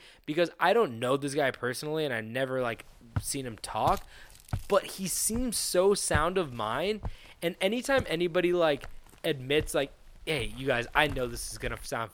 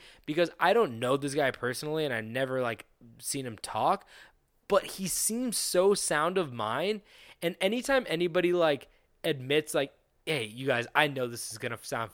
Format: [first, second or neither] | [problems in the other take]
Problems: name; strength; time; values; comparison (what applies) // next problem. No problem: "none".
second | footsteps; noticeable; from 3 s on; peak 8 dB below the speech